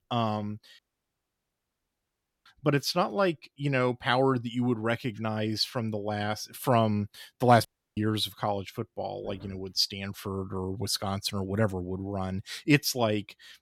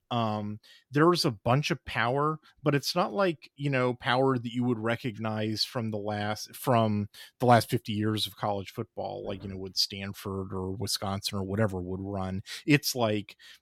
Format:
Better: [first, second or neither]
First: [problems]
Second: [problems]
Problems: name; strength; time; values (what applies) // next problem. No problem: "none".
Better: second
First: audio cutting out; at 1 s for 1.5 s and at 7.5 s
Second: none